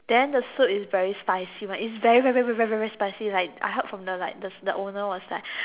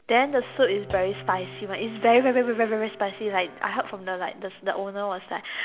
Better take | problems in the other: first | background sound (Thump, thud + Bowed string instrument); 19 dB below the speech

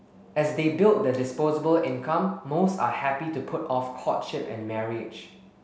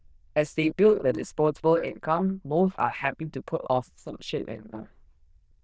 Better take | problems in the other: first | noise reduction (neural diffusion model UNIVERSE++)

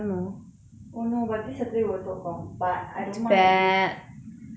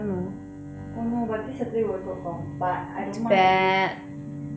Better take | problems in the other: first | background sound (Bowed string instrument); 12 dB below the speech

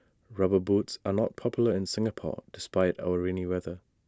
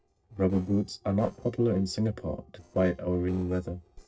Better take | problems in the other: first | noise reduction (neural separator model SepFormer DNS4)

